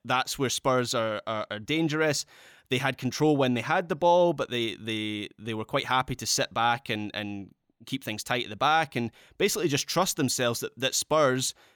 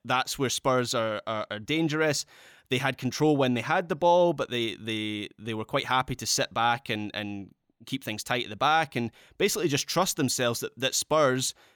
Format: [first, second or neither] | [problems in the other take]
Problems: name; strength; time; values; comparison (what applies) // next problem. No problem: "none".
neither | none